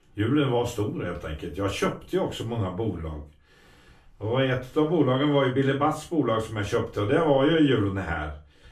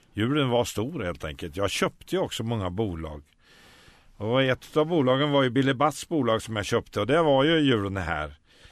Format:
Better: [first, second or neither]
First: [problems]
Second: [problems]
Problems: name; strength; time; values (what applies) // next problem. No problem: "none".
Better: second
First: off-mic speech; far // room echo; slight; dies away in 0.3 s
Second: none